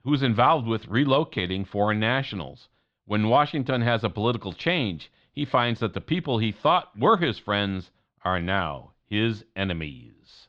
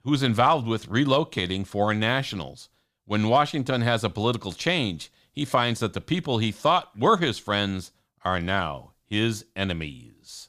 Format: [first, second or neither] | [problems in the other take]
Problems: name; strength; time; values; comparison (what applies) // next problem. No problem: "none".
second | muffled; slightly; fading above 3.5 kHz